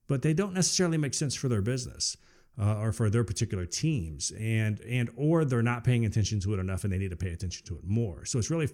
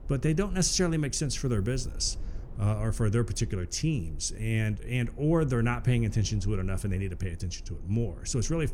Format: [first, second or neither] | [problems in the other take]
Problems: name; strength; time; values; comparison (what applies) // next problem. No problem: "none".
first | low rumble; faint; throughout; 25 dB below the speech